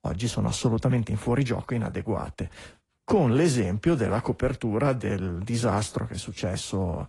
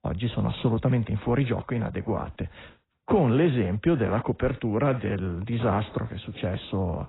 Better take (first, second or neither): first